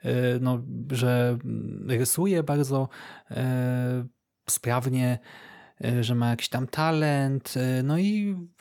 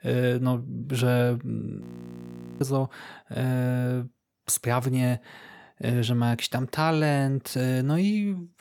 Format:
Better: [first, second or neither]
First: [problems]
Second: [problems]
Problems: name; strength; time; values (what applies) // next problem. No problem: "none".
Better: first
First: none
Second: audio freezing; at 2 s for 1 s